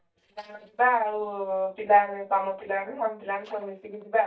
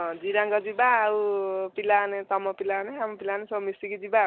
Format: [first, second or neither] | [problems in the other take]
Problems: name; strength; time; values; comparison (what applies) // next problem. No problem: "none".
second | noise reduction (neural mask model DeepFilterNet 3)